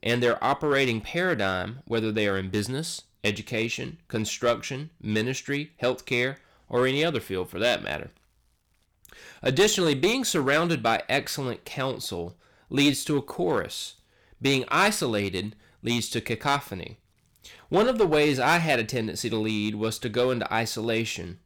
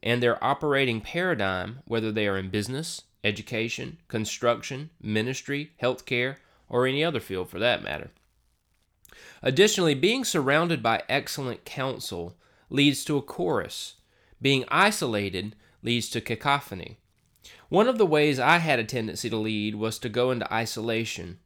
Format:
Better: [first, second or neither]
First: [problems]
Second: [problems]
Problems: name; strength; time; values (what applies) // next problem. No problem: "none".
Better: second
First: distortion; slight; 3% of the sound clipped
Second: none